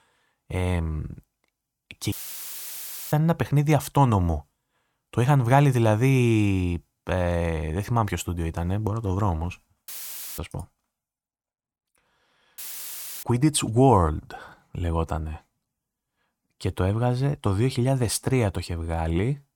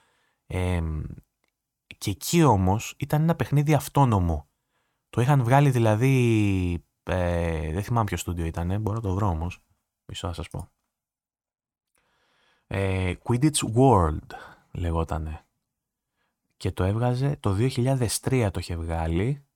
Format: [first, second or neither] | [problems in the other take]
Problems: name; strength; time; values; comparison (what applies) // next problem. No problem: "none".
second | audio cutting out; filled with static; at 2 s for 1 s, at 10 s for 0.5 s and at 13 s for 0.5 s